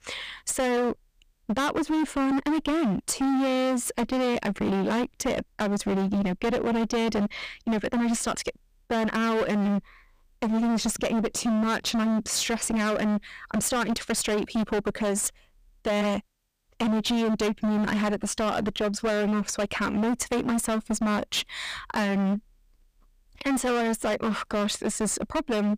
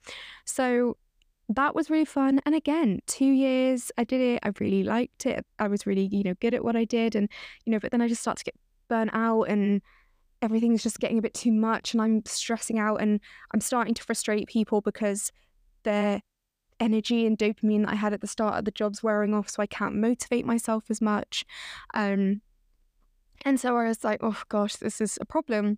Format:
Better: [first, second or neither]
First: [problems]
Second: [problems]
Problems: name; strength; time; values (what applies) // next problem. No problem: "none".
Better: second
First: distortion; heavy; 26% of the sound clipped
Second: none